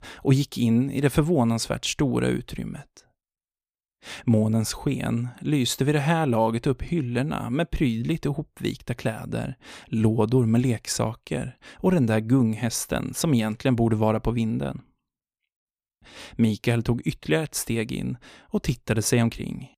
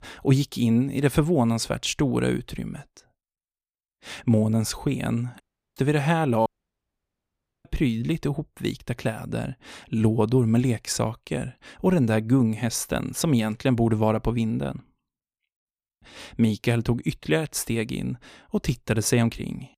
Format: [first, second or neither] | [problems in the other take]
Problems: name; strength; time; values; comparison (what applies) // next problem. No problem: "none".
first | audio cutting out; at 5.5 s and at 6.5 s for 1 s